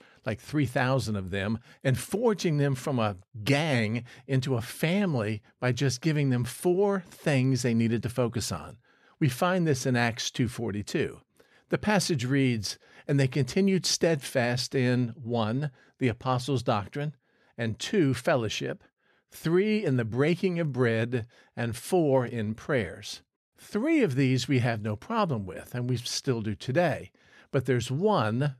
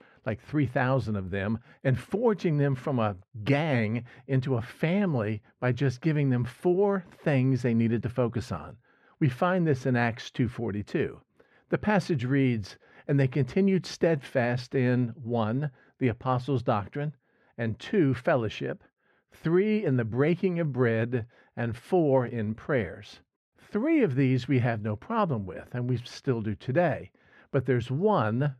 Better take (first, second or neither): first